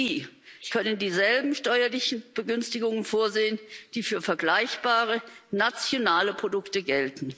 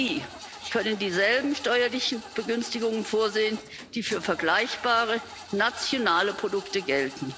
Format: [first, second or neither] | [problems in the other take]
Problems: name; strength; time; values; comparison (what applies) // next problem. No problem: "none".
first | background sound (Engine starting / Car); 16 dB below the speech